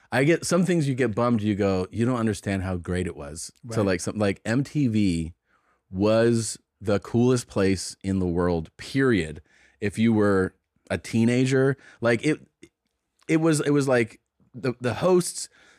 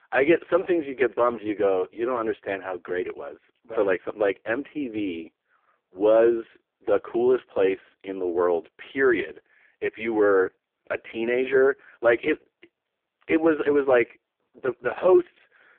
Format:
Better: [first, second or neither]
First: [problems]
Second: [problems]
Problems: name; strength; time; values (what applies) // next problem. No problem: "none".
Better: first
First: none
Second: phone-call audio; poor line